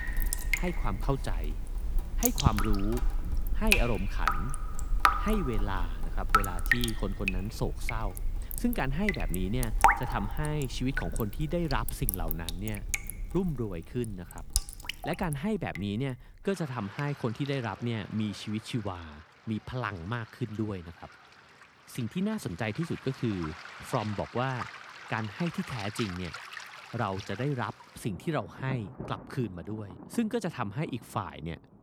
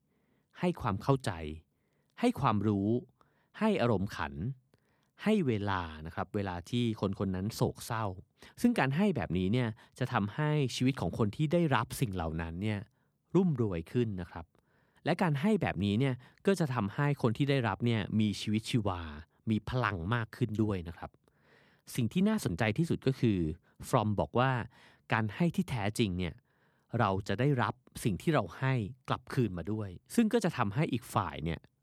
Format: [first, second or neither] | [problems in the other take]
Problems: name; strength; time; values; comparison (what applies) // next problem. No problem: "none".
second | rain or running water; very loud; throughout; 1 dB above the speech